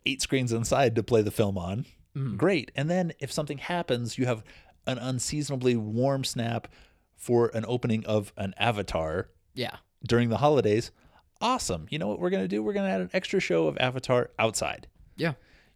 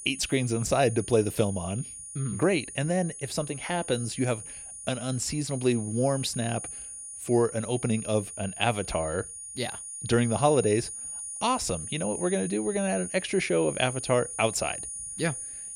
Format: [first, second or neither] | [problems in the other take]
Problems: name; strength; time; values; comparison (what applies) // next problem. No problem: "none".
first | high-pitched whine; loud; throughout; 9.5 kHz, 9 dB below the speech